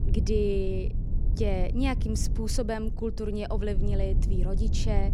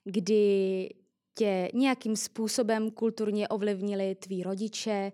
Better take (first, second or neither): second